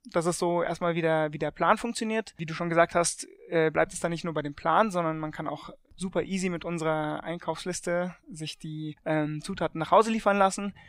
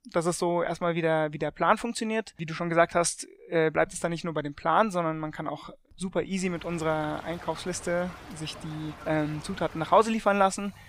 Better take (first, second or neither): first